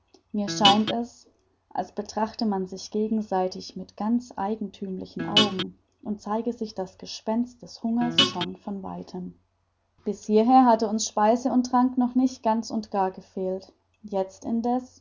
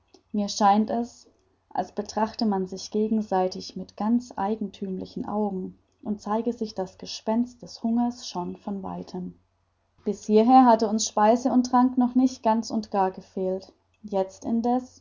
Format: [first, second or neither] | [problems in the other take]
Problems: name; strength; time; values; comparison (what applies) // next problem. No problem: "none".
second | background sound (Guitar); 2 dB above the speech